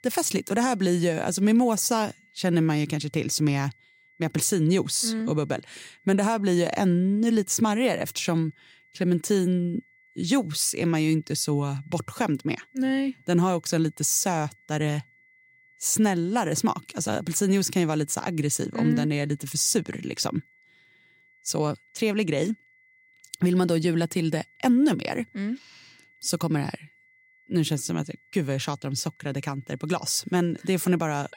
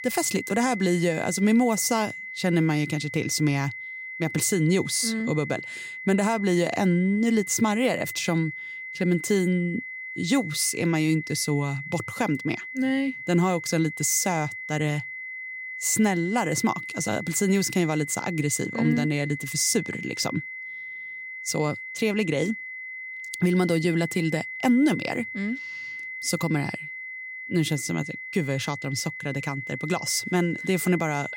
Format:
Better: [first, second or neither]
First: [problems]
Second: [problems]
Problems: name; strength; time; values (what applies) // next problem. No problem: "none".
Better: first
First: high-pitched whine; faint; throughout; 2 kHz, 30 dB below the speech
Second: high-pitched whine; loud; throughout; 2 kHz, 9 dB below the speech